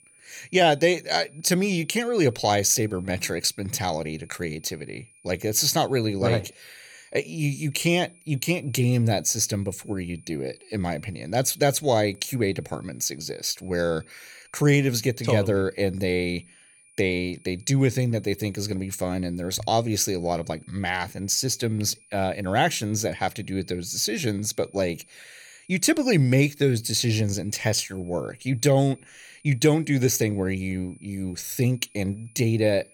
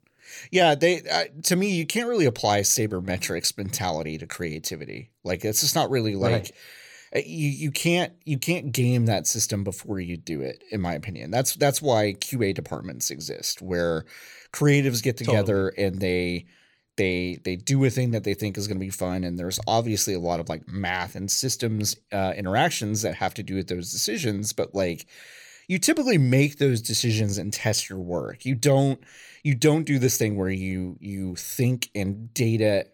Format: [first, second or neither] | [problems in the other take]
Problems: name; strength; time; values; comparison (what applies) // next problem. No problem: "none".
second | high-pitched whine; faint; throughout; 9.5 kHz, 30 dB below the speech